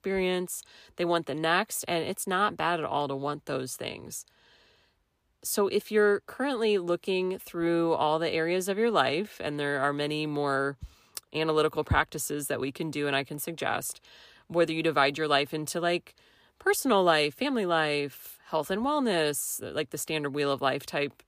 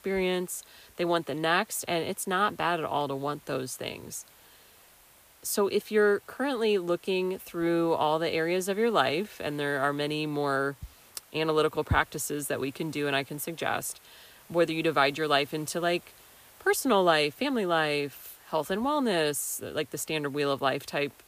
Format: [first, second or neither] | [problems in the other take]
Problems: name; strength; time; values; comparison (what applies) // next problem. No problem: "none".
first | hiss; faint; throughout; 25 dB below the speech